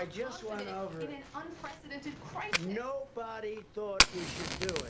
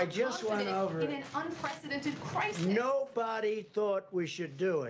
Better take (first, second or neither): second